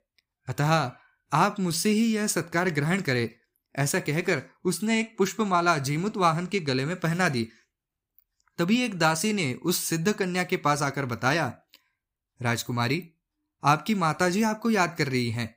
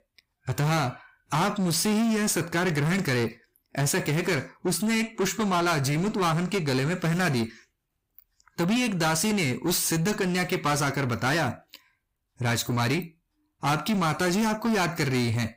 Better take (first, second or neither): first